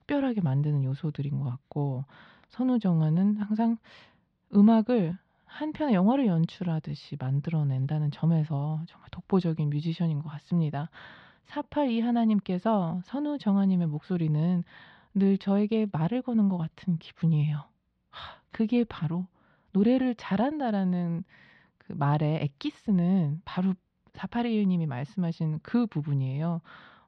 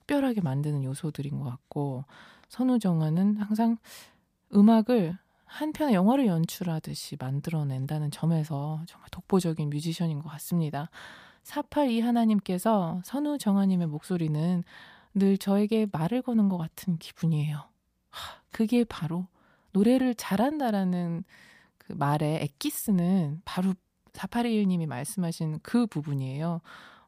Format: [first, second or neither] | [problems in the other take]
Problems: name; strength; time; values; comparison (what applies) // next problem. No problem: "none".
second | muffled; slightly; fading above 4 kHz